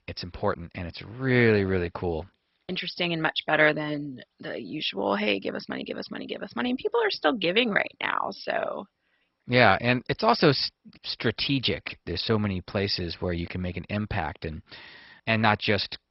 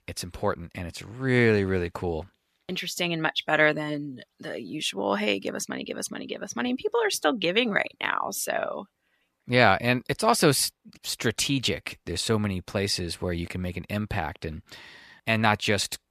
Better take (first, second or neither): second